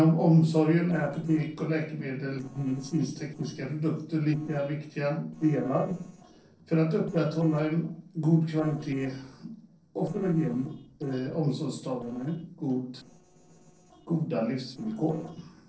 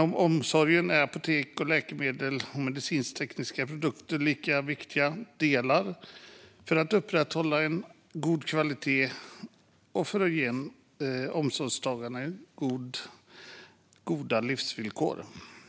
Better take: second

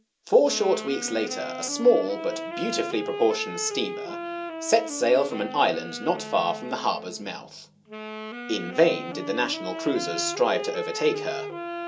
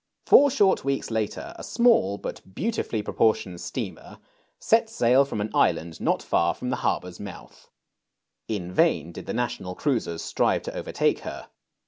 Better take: second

